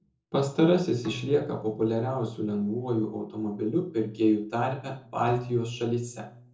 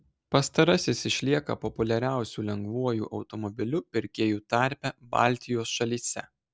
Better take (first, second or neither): second